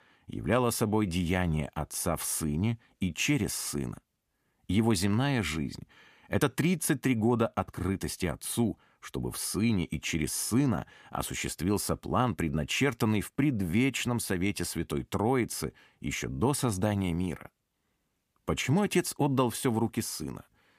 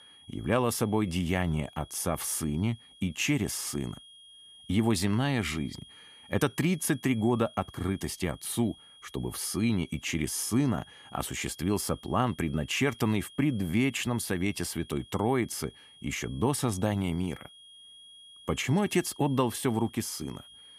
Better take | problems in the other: first | high-pitched whine; faint; throughout; 3.5 kHz, 20 dB below the speech

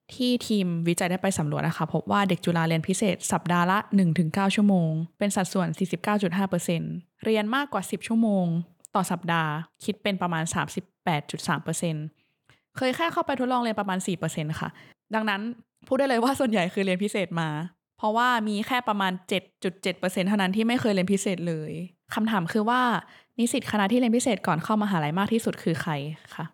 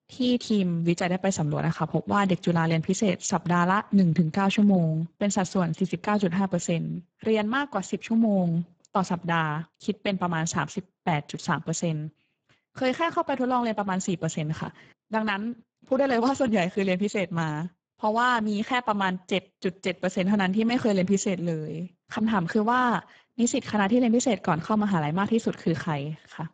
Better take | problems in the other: first | garbled, watery; badly; nothing above 7.5 kHz

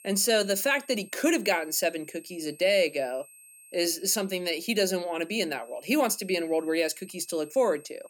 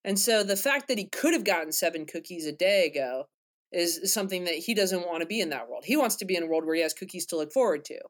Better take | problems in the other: second | high-pitched whine; faint; throughout; 8.5 kHz, 25 dB below the speech

